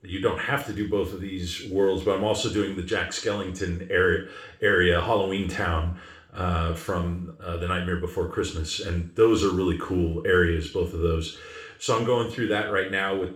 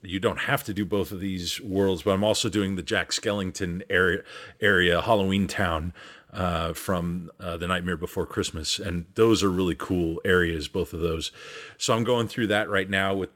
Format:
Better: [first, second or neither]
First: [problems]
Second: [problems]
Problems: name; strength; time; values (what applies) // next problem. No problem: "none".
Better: second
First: room echo; slight; dies away in 0.4 s // off-mic speech; somewhat distant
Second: none